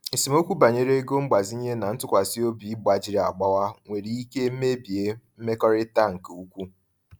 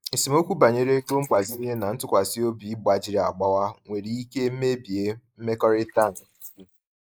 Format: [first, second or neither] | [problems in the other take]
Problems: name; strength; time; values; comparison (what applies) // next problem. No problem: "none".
first | noise reduction (neural mask model Resemble Enhance denoiser)